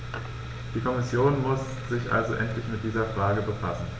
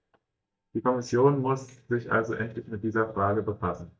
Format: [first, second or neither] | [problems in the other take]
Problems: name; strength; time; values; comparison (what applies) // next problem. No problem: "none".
first | noise reduction (neural mask model DeepFilterNet 3)